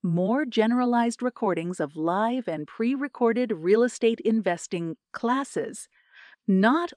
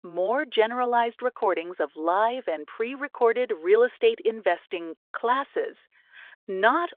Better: first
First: none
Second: phone-call audio

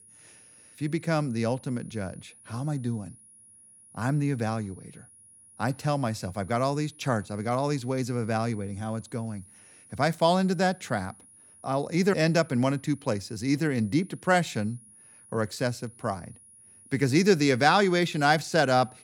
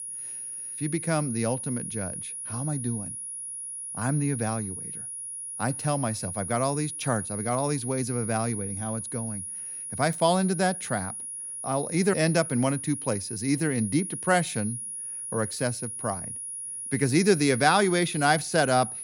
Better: first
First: high-pitched whine; faint; throughout; 10.5 kHz, 25 dB below the speech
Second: high-pitched whine; loud; throughout; 10.5 kHz, 6 dB below the speech

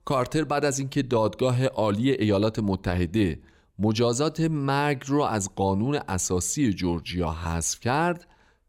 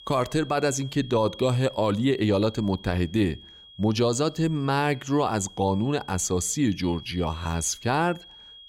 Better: first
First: none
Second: high-pitched whine; noticeable; throughout; 3.5 kHz, 20 dB below the speech

